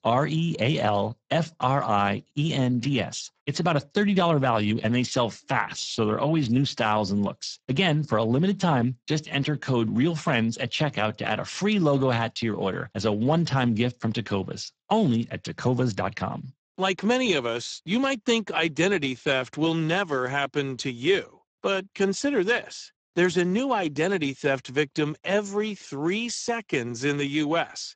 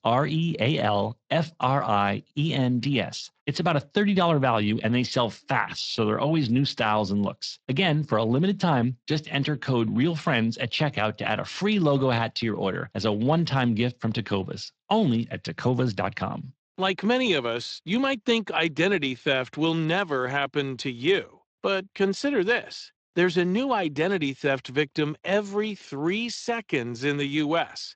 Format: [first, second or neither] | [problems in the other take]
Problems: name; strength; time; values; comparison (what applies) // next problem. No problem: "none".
second | garbled, watery; badly; nothing above 7.5 kHz; slightly in the second